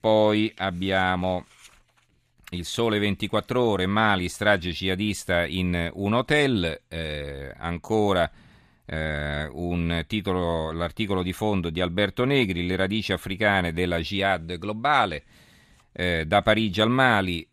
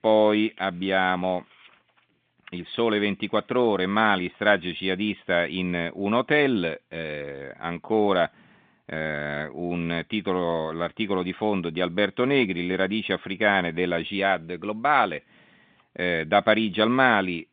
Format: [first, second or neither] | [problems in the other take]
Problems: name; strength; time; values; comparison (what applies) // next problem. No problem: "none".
first | phone-call audio